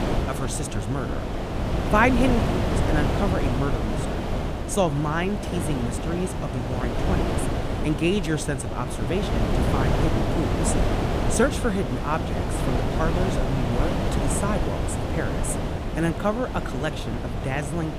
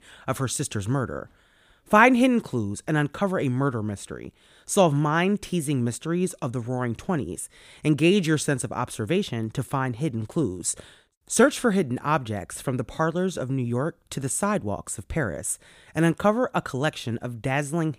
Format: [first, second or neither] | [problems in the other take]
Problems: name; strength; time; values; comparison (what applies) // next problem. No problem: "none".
second | wind noise on the microphone; heavy; 1 dB below the speech